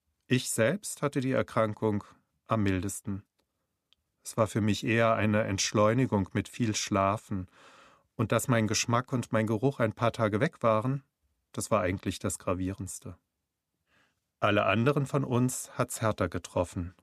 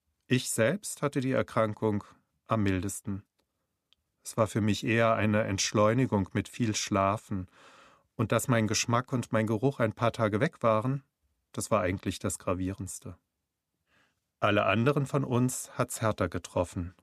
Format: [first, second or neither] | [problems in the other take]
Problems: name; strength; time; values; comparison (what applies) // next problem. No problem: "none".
neither | none